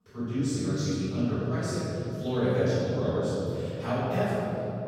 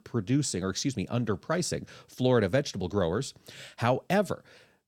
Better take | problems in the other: second | off-mic speech; far // room echo; strong; dies away in 3 s

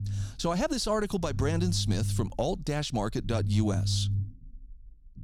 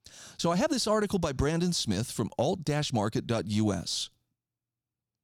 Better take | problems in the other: second | low rumble; noticeable; throughout; 15 dB below the speech

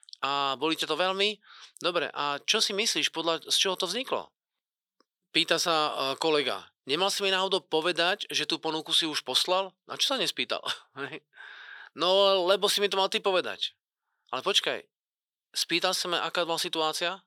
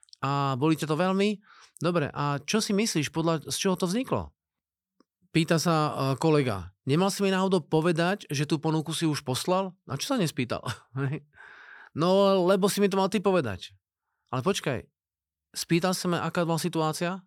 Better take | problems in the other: second | thin; very; fading below 500 Hz

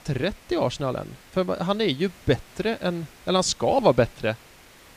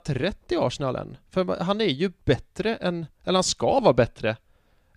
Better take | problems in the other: second | hiss; faint; throughout; 25 dB below the speech

